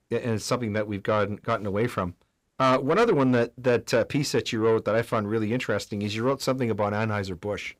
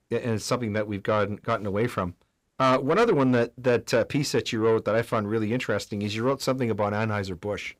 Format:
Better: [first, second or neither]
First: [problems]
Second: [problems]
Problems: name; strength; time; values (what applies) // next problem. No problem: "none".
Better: neither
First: distortion; slight; 10 dB below the speech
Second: distortion; slight; 10 dB below the speech